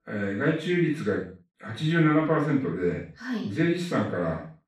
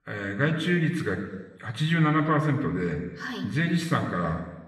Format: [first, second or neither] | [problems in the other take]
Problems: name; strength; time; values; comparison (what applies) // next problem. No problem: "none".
second | room echo; strong; dies away in 0.4 s; slight in the second // off-mic speech; far; somewhat distant in the second